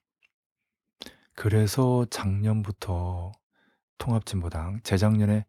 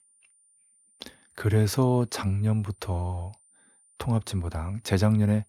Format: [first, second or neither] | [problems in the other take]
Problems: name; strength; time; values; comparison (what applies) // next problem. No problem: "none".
first | high-pitched whine; faint; throughout; 9 kHz, 30 dB below the speech